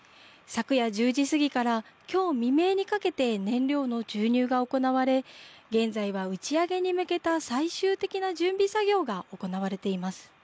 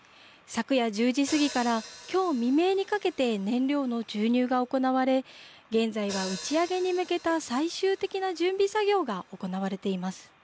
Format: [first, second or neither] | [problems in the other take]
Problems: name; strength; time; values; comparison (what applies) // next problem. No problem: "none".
first | background sound (Hi-hat); 19 dB below the speech